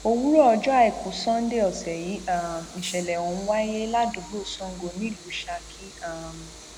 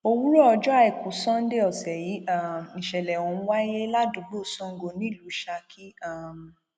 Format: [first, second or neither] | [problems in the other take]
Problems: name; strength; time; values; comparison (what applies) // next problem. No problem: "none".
second | background sound (Train); 17 dB below the speech